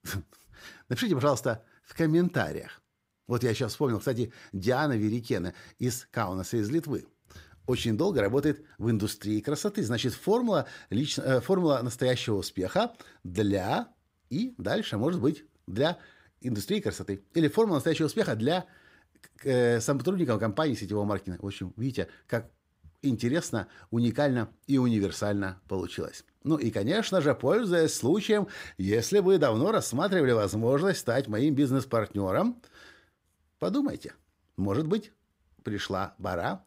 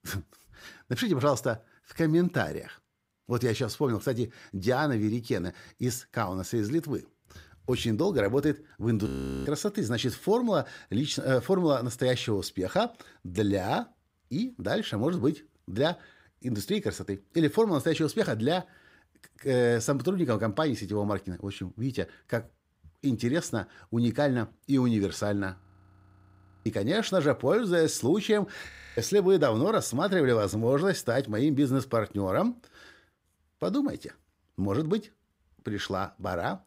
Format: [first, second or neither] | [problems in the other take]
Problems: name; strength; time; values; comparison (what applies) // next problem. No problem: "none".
first | audio freezing; at 9 s, at 26 s for 1 s and at 29 s